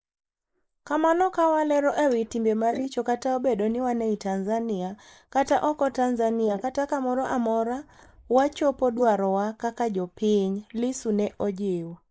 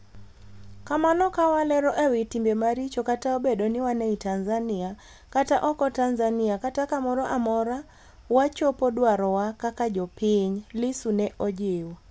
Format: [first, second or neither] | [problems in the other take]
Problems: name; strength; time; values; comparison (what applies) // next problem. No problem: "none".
second | noise reduction (neural mask model Resemble Enhance denoiser)